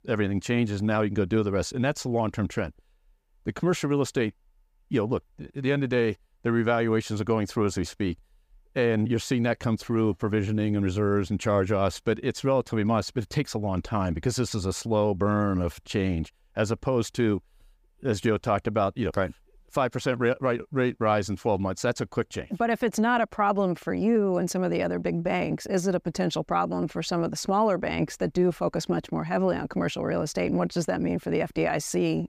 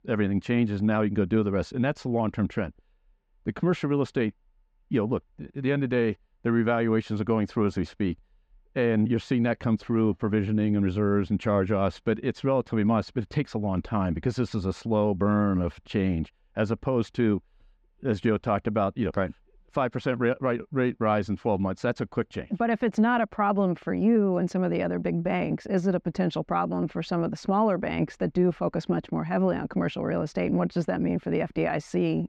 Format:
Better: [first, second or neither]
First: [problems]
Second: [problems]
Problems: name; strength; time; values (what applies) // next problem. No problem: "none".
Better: first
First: none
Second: muffled; slightly; fading above 3 kHz